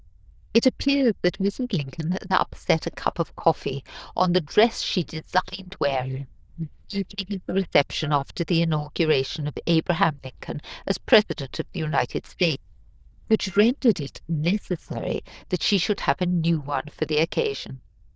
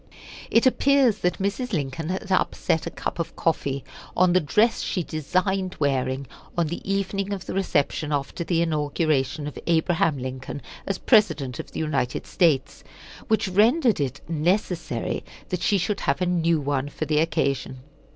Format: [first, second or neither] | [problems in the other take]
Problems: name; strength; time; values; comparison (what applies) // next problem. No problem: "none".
second | noise reduction (neural diffusion model UNIVERSE++)